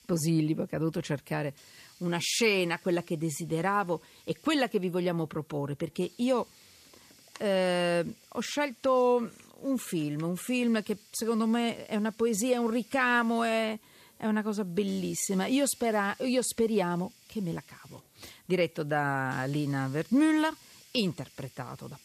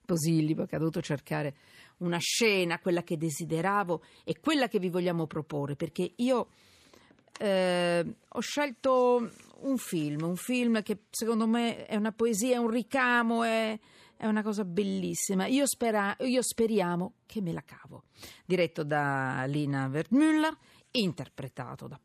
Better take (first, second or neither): second